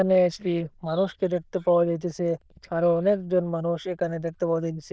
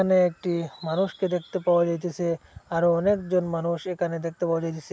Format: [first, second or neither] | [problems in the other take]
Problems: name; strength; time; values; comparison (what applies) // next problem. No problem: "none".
second | noise reduction (neural diffusion model UNIVERSE++)